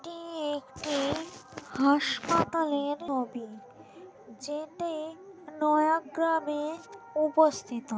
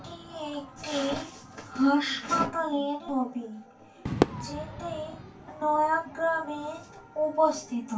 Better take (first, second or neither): first